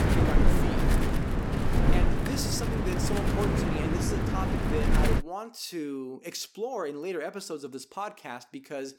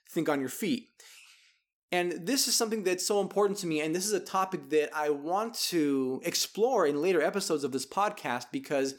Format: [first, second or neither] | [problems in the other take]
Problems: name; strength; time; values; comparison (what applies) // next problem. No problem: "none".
second | wind noise on the microphone; heavy; until 5 s; 4 dB above the speech